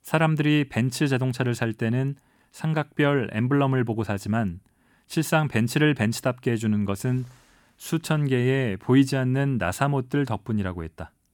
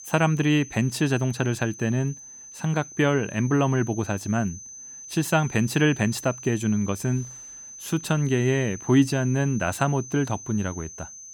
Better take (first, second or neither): first